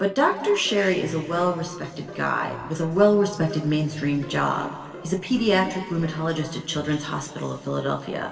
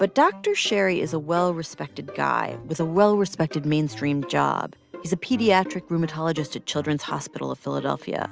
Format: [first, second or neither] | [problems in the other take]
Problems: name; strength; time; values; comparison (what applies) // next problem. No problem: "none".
second | room echo; dies away in 2.2 s